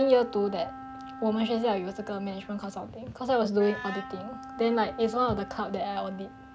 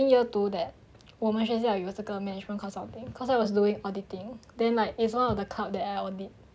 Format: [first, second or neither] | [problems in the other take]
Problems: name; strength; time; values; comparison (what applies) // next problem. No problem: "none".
second | background sound (Wind instrument, woodwind instrument); 14 dB below the speech